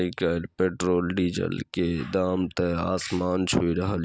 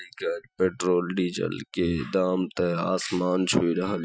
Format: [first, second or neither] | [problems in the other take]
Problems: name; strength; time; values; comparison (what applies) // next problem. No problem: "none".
first | noise reduction (classical method Wiener filter)